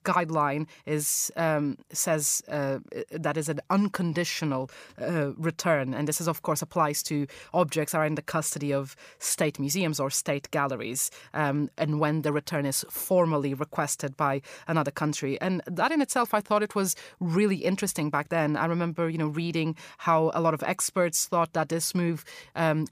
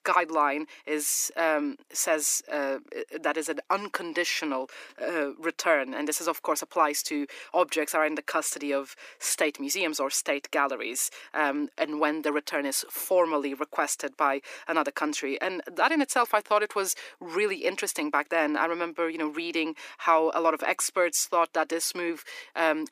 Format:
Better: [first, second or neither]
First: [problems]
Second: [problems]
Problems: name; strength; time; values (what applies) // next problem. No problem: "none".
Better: first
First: none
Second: thin; somewhat; fading below 300 Hz